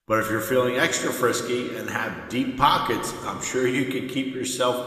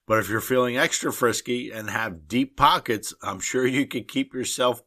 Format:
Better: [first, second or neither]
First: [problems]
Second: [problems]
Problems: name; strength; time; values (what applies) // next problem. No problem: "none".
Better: second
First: room echo; slight; dies away in 1.7 s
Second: none